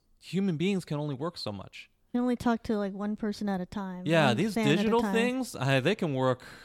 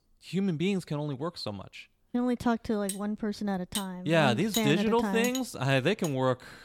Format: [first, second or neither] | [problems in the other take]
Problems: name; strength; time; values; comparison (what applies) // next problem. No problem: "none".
first | clattering dishes; noticeable; from 3 to 6 s; peak 6 dB below the speech